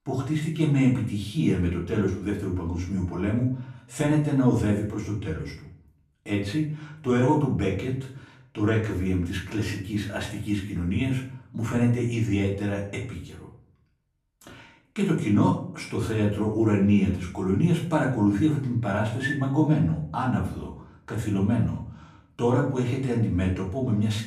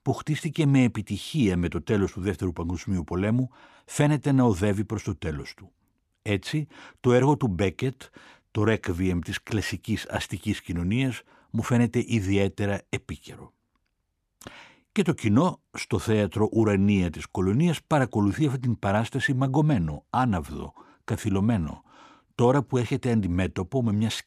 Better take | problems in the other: second | room echo; slight; dies away in 0.5 s // off-mic speech; far

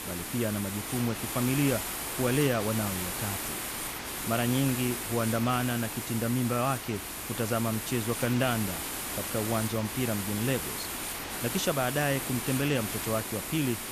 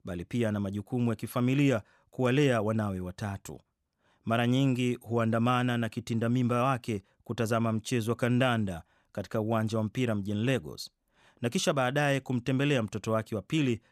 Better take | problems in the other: second | hiss; loud; throughout; 3 dB below the speech

